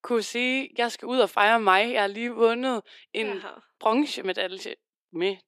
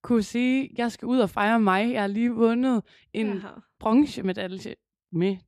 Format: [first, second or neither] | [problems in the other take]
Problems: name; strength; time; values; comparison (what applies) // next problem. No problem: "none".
second | thin; somewhat; fading below 400 Hz